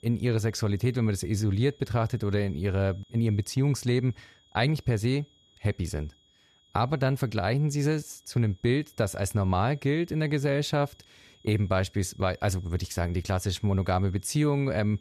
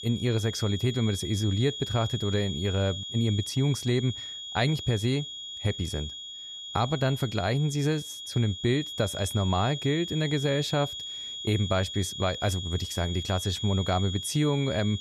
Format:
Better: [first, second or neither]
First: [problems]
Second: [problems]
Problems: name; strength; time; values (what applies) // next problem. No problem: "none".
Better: first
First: high-pitched whine; faint; throughout; 3.5 kHz, 30 dB below the speech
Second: high-pitched whine; loud; throughout; 3.5 kHz, 7 dB below the speech